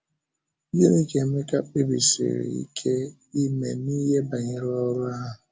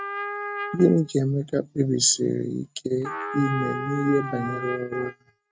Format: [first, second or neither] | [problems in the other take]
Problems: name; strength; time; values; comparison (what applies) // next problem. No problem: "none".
first | noise reduction (neural mask model RNNoise)